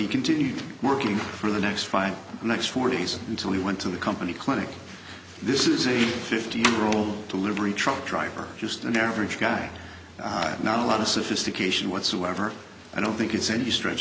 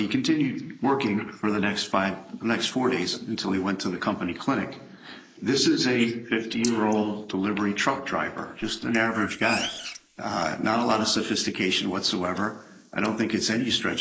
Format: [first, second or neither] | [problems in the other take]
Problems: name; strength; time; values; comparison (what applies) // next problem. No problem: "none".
first | noise reduction (neural mask model Resemble Enhance denoiser)